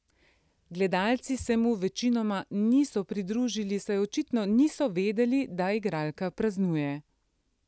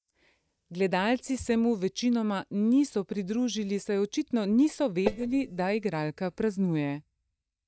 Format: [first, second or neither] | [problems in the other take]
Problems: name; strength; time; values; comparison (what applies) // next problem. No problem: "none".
first | noise reduction (neural mask model DeepFilterNet 3)